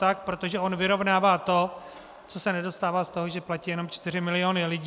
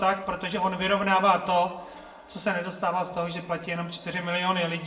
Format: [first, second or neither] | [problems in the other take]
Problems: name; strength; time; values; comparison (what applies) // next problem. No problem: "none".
first | room echo; dies away in 0.5 s